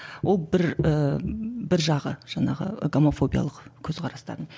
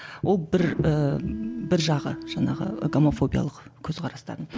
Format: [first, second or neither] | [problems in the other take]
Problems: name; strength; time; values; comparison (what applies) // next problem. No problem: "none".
first | background sound (Mechanisms); 13 dB below the speech